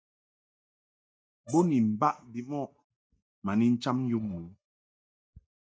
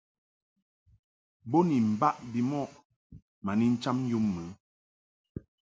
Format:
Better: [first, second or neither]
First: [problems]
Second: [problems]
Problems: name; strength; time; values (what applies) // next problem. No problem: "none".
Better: second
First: noise reduction (neural mask model DeepFilterNet 3)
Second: none